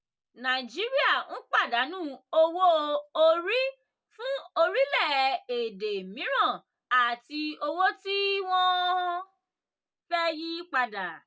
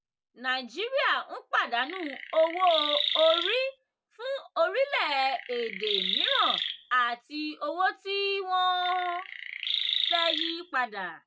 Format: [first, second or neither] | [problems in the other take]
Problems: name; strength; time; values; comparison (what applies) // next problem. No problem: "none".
first | background sound (Chirp, tweet); 3 dB below the speech